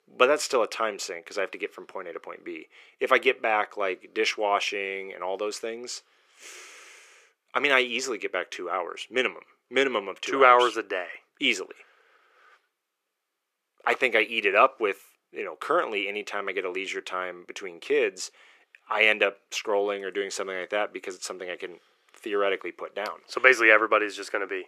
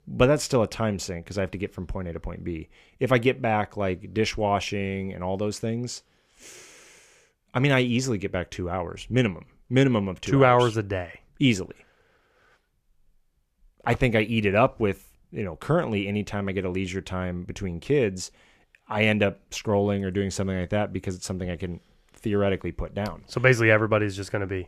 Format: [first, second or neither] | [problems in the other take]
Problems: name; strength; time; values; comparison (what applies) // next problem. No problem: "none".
second | thin; very; fading below 350 Hz